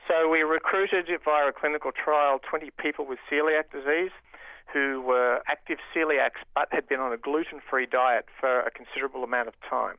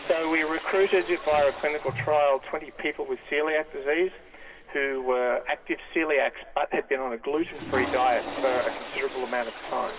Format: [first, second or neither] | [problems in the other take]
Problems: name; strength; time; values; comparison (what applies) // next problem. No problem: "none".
first | background sound (Toilet flush / Water); 13 dB below the speech // room echo; dies away in 2.3 s